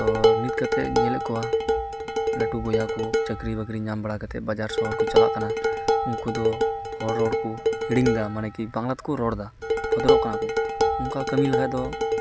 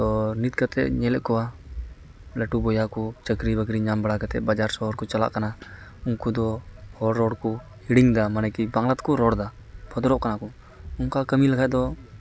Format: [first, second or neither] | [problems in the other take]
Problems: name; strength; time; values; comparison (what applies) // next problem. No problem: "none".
second | background sound (Dishes, pots, and pans); 4 dB above the speech